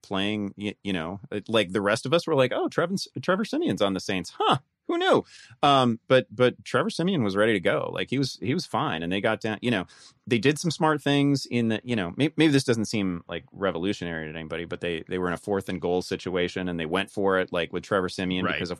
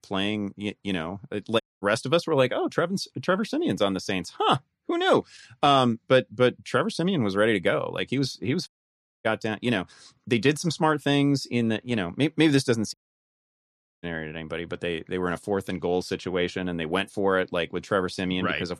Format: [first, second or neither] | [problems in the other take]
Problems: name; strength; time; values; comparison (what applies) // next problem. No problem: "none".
first | audio cutting out; at 1.5 s, at 8.5 s for 0.5 s and at 13 s for 1 s